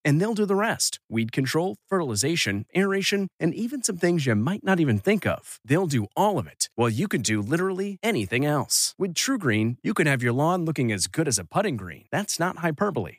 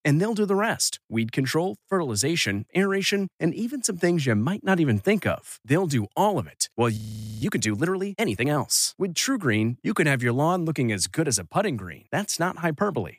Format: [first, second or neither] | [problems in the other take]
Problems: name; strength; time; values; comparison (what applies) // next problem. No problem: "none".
first | audio freezing; at 7 s